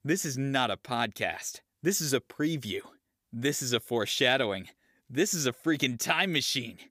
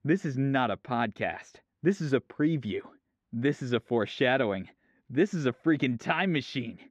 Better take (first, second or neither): first